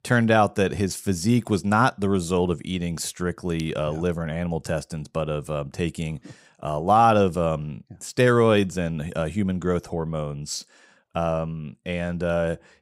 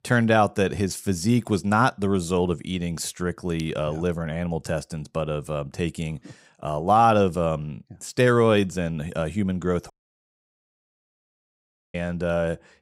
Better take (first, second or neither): first